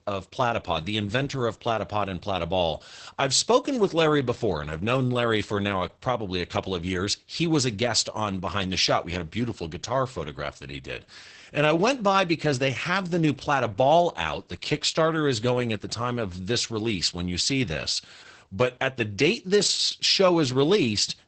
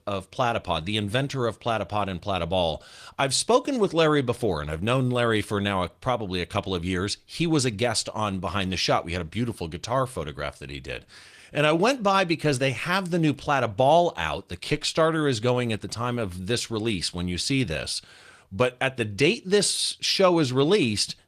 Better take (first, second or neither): second